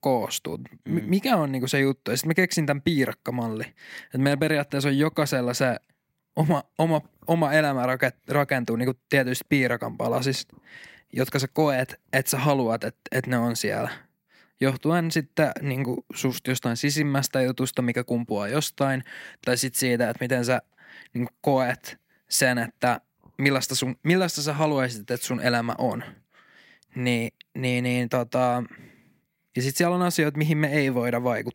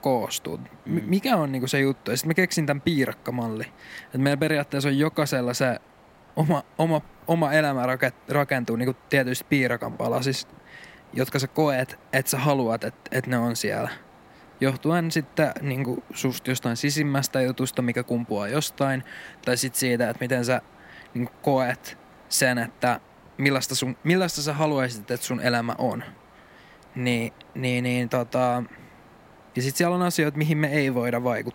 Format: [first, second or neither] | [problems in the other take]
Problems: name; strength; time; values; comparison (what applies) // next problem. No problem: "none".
first | hiss; faint; throughout; 25 dB below the speech